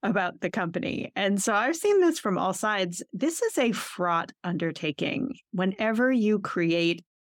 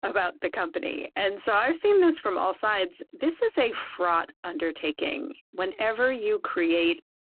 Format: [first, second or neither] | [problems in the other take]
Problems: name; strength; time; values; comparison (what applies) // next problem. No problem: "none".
first | phone-call audio; poor line